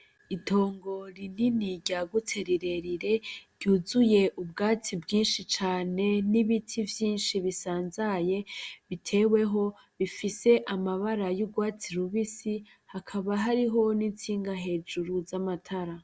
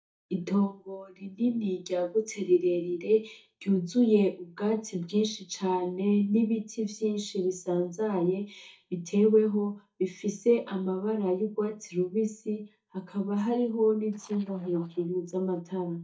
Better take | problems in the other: first | noise reduction (neural mask model DeepFilterNet 3)

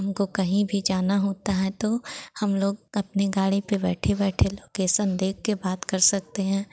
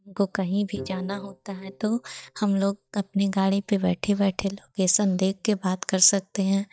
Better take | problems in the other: first | noise reduction (neural mask model DeepFilterNet 3)

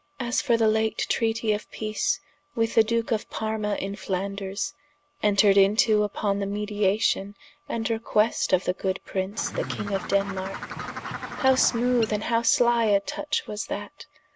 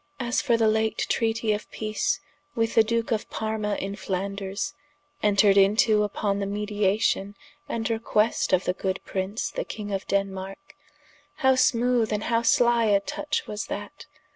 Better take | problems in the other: second | background sound (Bird); 9 dB below the speech

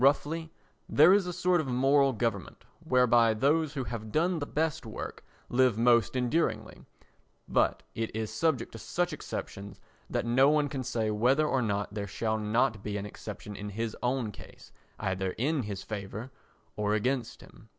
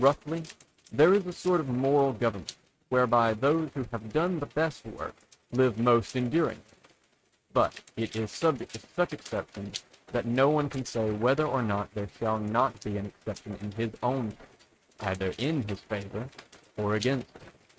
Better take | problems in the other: first | noise reduction (neural mask model RNNoise)

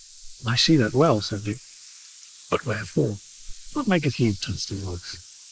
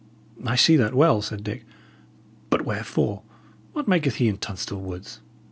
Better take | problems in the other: second | noise reduction (neural mask model Resemble Enhance denoiser)

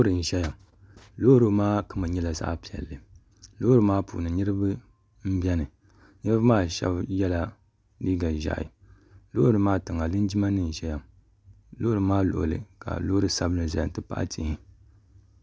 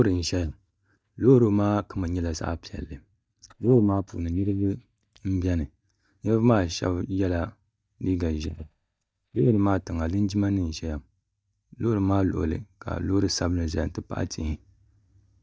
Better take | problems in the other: first | noise reduction (neural mask model DeepFilterNet 3)

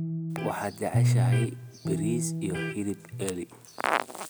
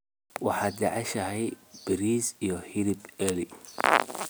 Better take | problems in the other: second | background sound (Electric guitar); 3 dB above the speech

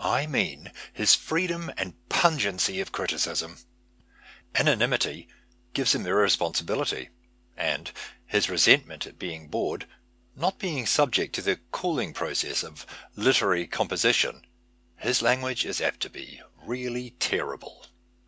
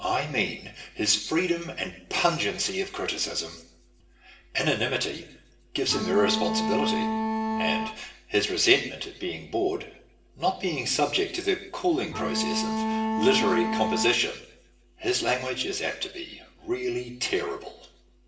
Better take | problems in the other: first | background sound (Bowed string instrument); as loud as the speech // room echo; dies away in 0.7 s

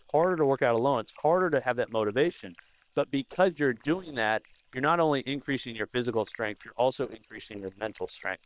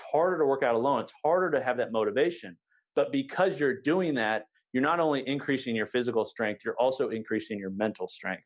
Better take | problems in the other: second | noise reduction (neural separator model SepFormer WHAM!)

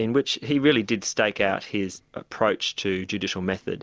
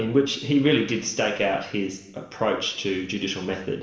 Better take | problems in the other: first | room echo; dies away in 0.8 s

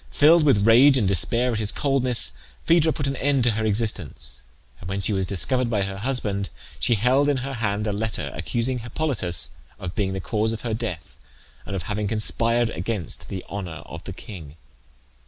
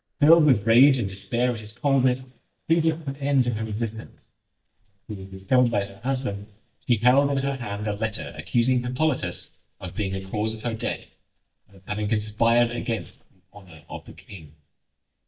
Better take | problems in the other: first | noise reduction (neural mask model DeepFilterNet 3)

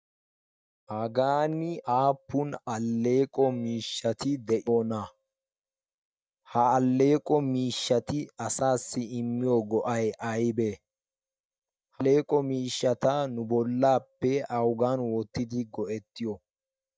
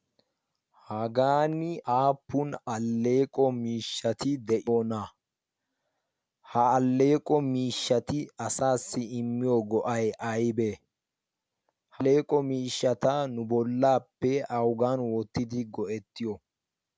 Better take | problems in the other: second | noise reduction (neural mask model DeepFilterNet 3)

